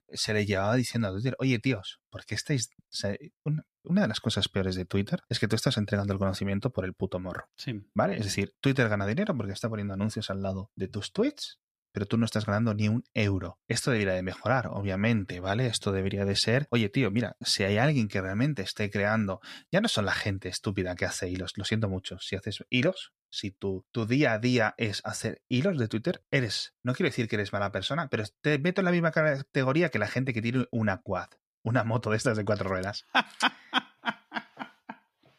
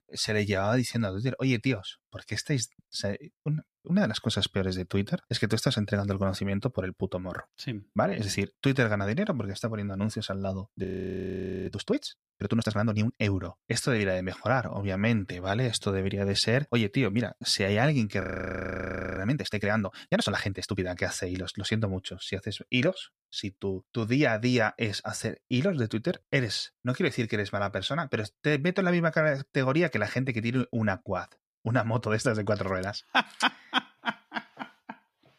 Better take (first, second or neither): first